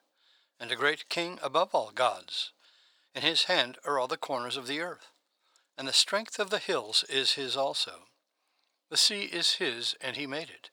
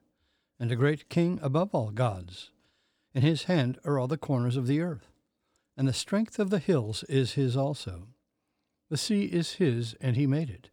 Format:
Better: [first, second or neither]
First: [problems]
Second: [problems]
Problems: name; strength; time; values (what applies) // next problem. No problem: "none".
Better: second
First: thin; very; fading below 850 Hz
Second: none